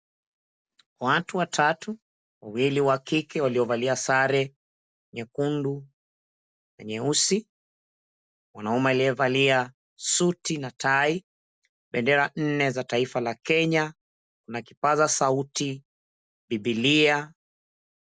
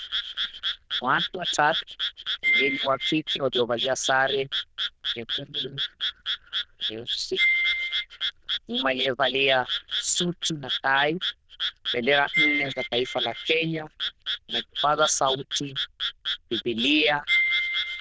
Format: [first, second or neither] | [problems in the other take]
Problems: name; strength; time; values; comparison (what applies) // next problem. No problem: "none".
first | noise reduction (neural diffusion model UNIVERSE++)